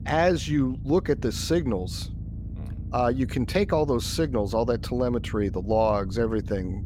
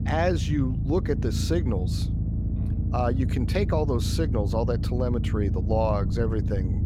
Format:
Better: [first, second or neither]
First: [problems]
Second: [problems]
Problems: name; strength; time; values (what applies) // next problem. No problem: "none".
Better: first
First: low rumble; faint; throughout; 20 dB below the speech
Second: low rumble; loud; throughout; 10 dB below the speech